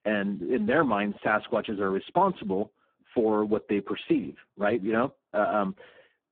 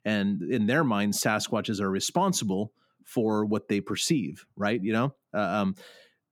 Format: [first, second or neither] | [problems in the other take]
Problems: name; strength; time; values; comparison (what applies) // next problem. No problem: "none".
second | phone-call audio; poor line